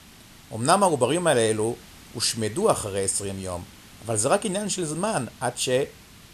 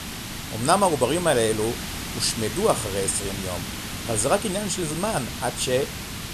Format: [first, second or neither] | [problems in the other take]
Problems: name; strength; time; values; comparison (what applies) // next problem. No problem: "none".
first | hiss; loud; throughout; 7 dB below the speech; faint in the first